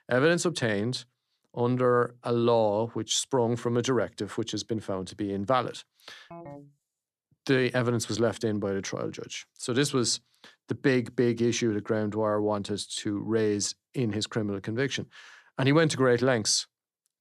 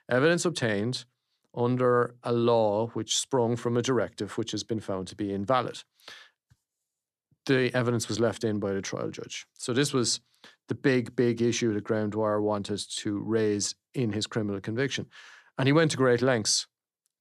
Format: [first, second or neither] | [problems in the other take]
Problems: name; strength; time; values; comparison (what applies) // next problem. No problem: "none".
second | phone ringing; faint; at 6.5 s; peak 15 dB below the speech